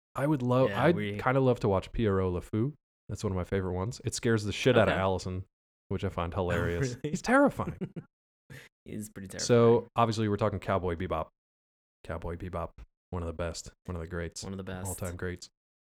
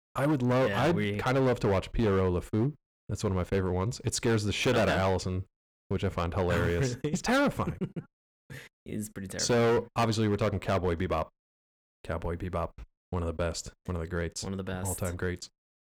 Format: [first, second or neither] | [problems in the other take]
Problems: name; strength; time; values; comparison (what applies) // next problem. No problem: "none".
first | distortion; heavy; 8% of the sound clipped